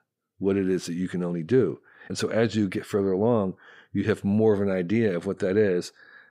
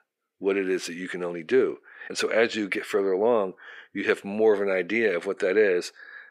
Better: first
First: none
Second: thin; somewhat; fading below 400 Hz

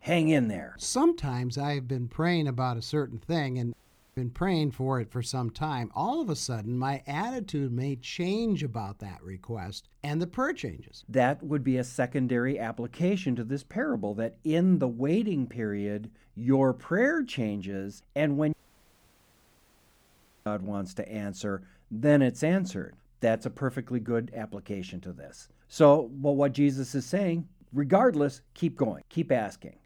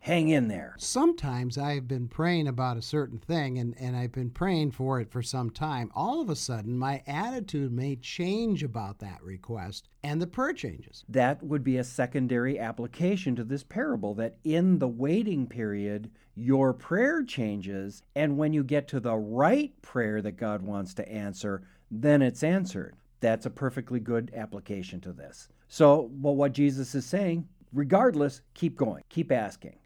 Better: second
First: audio cutting out; at 3.5 s and at 19 s for 2 s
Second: none

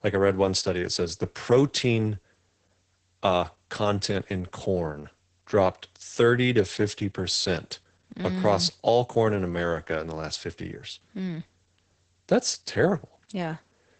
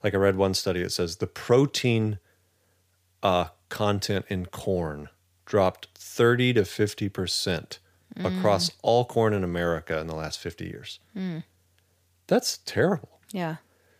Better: second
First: garbled, watery; badly; nothing above 8 kHz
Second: none

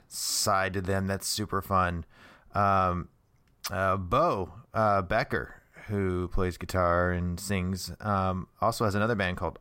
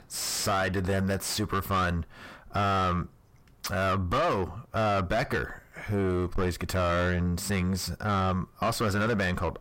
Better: first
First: none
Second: distortion; heavy; 6 dB below the speech

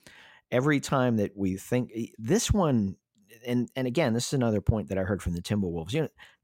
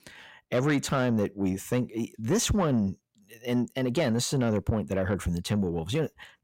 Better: first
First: none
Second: distortion; slight; 10 dB below the speech

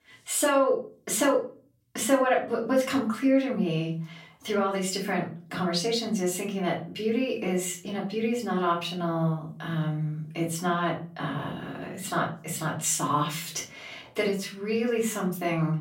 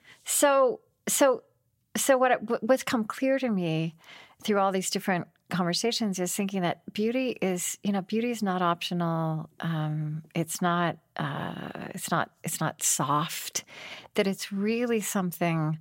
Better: second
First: room echo; slight; dies away in 0.3 s // off-mic speech; far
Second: none

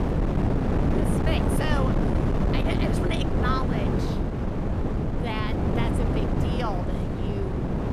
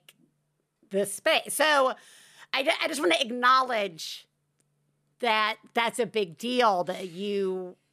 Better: second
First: wind noise on the microphone; heavy; 2 dB above the speech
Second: none

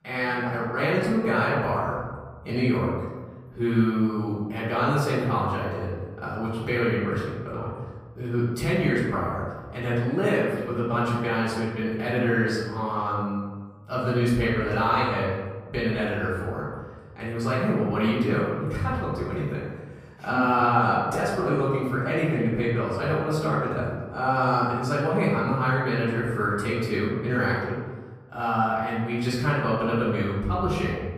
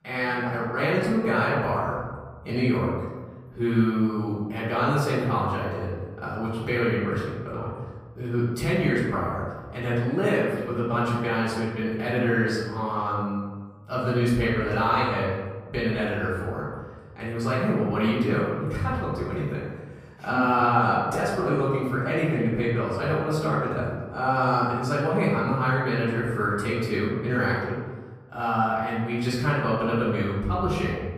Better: neither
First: room echo; noticeable; dies away in 1.3 s // off-mic speech; far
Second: room echo; noticeable; dies away in 1.3 s // off-mic speech; far

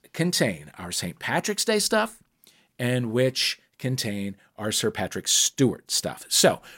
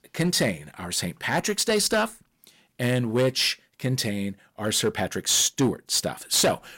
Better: first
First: none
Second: distortion; slight; 5% of the sound clipped

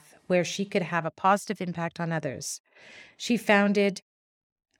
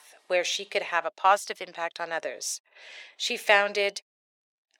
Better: first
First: none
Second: thin; very; fading below 500 Hz

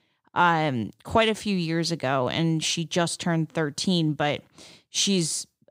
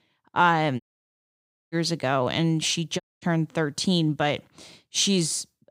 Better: first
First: none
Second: audio cutting out; at 1 s for 1 s and at 3 s

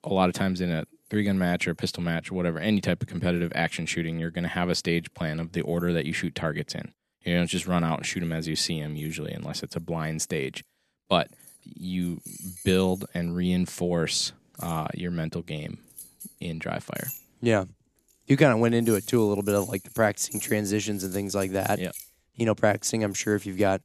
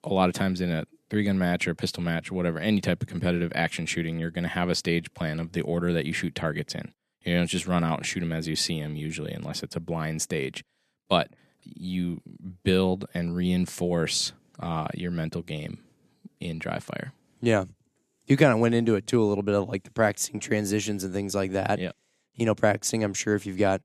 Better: second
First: household noises; noticeable; throughout; 15 dB below the speech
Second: none

